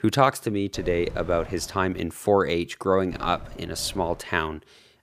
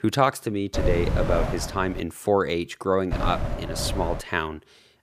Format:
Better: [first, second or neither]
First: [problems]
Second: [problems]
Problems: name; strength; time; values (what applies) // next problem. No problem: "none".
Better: first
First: wind noise on the microphone; occasional gusts; from 0.5 to 2 s and from 3 to 4 s; 20 dB below the speech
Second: wind noise on the microphone; heavy; from 0.5 to 2 s and from 3 to 4 s; 7 dB below the speech